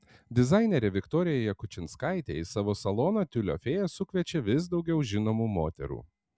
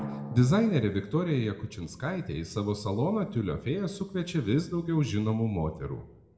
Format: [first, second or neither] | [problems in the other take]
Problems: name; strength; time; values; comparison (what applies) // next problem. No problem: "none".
first | background sound (Drum); 18 dB below the speech // room echo; dies away in 0.8 s